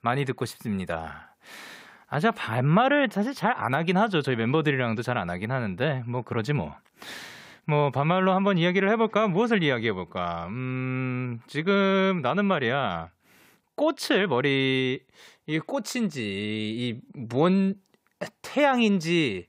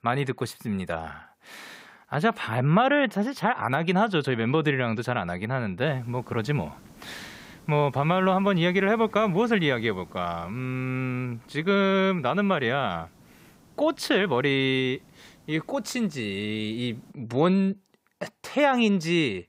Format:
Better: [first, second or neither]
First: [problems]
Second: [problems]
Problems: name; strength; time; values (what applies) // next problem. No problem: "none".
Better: first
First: none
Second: hiss; faint; from 6 to 17 s; 25 dB below the speech